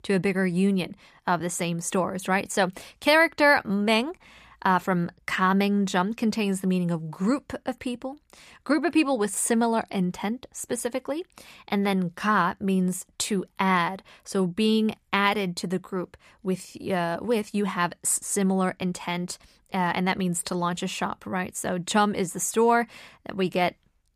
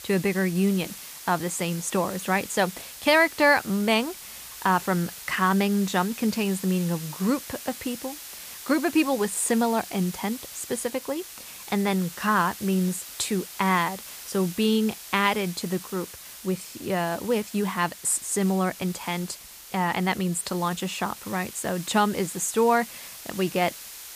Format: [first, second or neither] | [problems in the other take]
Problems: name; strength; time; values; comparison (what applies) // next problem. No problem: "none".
first | hiss; noticeable; throughout; 15 dB below the speech